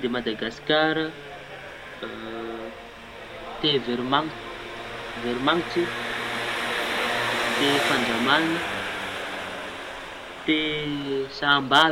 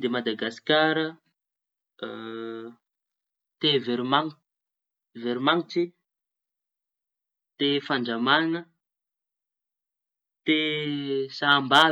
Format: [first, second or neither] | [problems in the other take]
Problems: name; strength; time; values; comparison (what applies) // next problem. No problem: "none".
second | background sound (Engine); 4 dB below the speech